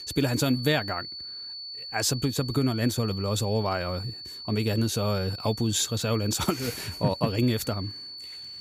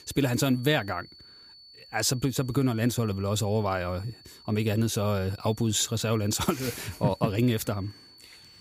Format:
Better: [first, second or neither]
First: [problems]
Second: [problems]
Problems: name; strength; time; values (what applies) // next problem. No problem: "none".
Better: second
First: high-pitched whine; loud; throughout; 4.5 kHz, 10 dB below the speech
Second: high-pitched whine; faint; throughout; 4.5 kHz, 20 dB below the speech